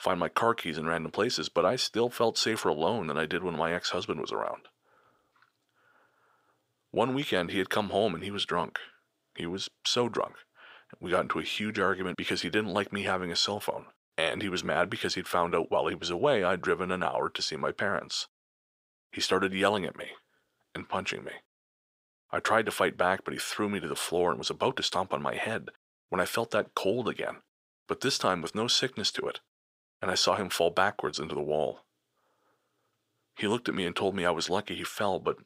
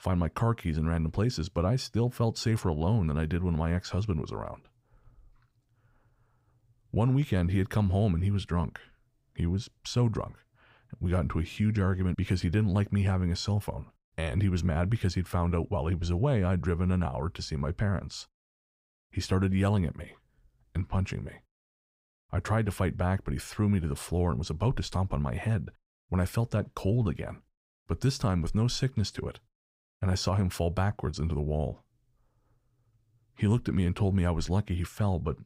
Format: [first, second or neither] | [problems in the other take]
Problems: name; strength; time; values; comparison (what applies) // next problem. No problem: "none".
second | thin; very; fading below 450 Hz